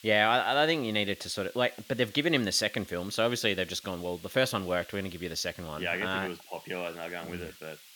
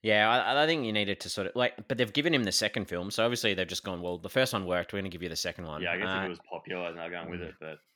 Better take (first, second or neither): second